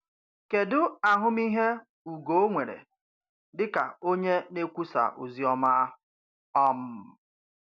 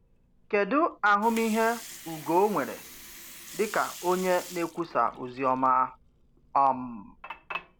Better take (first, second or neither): first